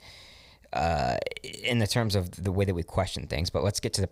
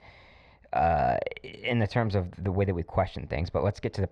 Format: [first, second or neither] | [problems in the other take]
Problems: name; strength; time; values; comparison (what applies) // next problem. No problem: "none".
first | muffled; very; fading above 2 kHz